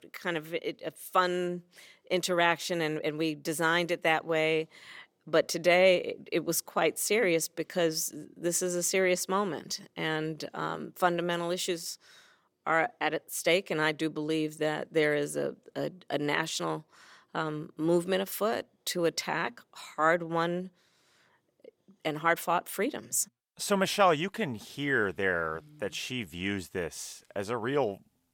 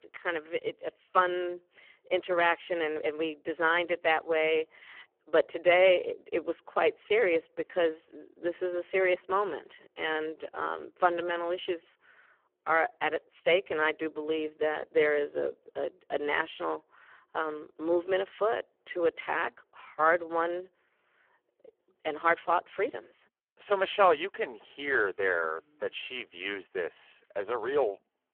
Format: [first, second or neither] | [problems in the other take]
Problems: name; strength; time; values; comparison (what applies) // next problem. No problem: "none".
first | phone-call audio; poor line